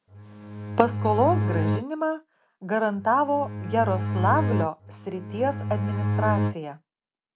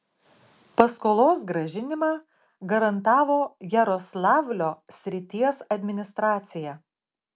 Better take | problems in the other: second | background sound (Bowed string instrument); 1 dB below the speech

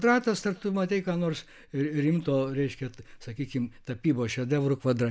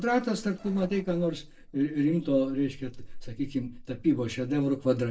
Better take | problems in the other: first | noise reduction (neural separator model SepFormer DNS4)

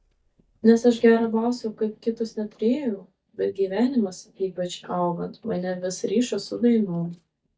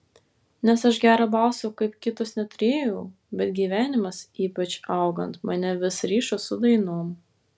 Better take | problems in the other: second | noise reduction (neural mask model DeepFilterNet 3)

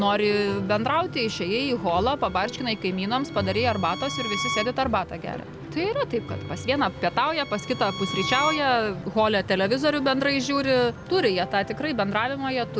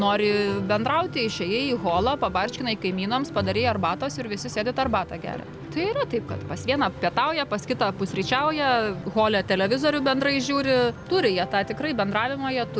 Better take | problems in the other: second | background sound (Bowed string instrument); 11 dB below the speech

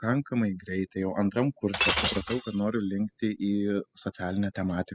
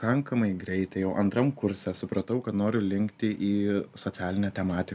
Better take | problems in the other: second | noise reduction (classical method spectral subtraction)

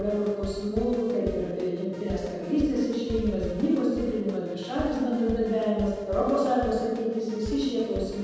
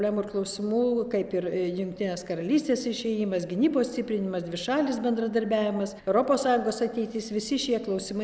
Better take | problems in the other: second | background sound (Drum kit); 13 dB below the speech // room echo; dies away in 1.2 s

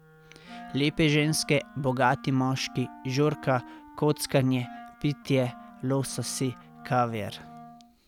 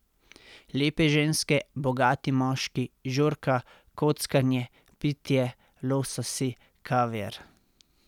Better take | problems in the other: second | background sound (Wind instrument, woodwind instrument + Wind instrument, woodwind instrument); 19 dB below the speech

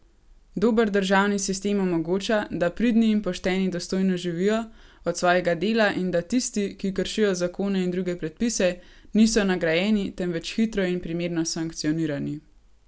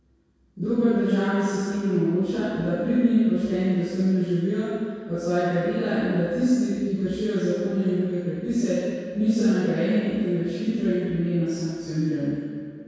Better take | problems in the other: first | room echo; dies away in 2 s

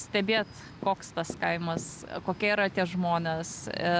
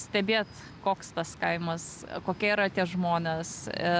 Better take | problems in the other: second | background sound (Tap); 17 dB below the speech

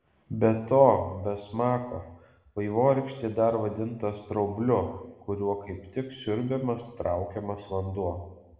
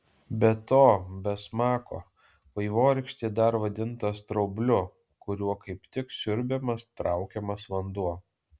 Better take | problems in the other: second | room echo; dies away in 0.9 s

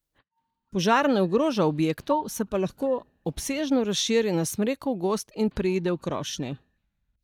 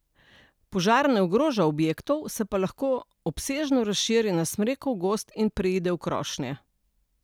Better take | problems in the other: second | noise reduction (neural mask model DeepFilterNet 3)

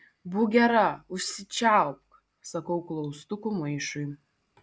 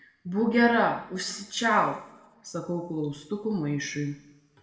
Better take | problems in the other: first | room echo; dies away in 0.8 s

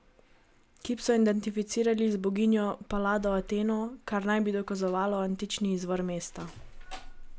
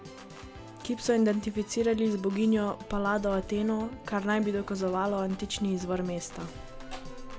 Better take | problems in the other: first | background sound (Organ); 16 dB below the speech

